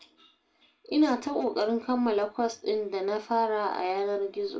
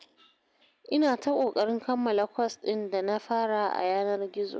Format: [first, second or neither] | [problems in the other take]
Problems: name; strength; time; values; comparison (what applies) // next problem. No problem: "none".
second | room echo; dies away in 0.3 s